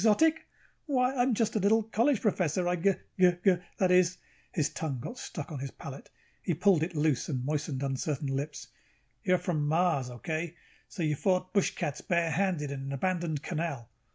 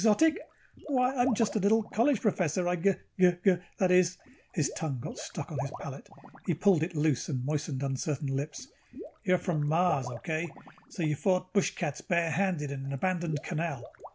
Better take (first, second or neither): first